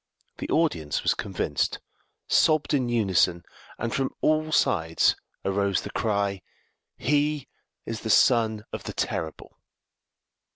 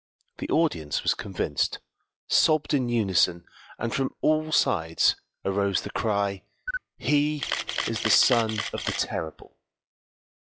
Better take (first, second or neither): first